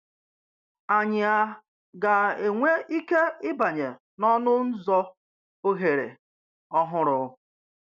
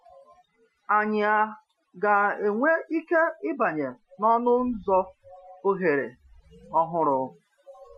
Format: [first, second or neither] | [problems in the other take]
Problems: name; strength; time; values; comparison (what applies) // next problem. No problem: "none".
first | noise reduction (classical method Wiener filter)